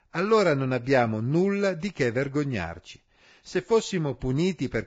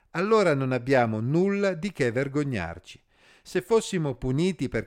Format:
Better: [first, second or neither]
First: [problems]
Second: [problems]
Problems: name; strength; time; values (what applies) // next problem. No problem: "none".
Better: second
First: garbled, watery; badly; nothing above 7.5 kHz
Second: none